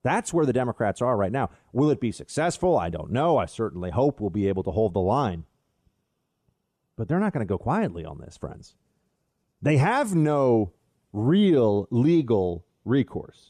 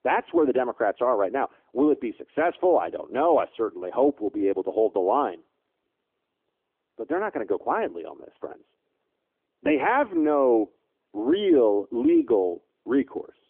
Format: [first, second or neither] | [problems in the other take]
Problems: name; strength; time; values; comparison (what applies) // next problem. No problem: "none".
first | phone-call audio; nothing above 3.5 kHz